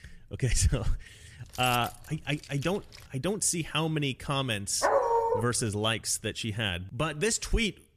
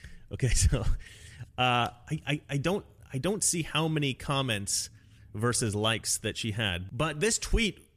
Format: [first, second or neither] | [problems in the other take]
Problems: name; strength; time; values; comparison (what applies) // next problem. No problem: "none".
second | jangling keys; noticeable; from 1.5 to 3 s; peak 9 dB below the speech // dog barking; loud; at 5 s; peak 5 dB above the speech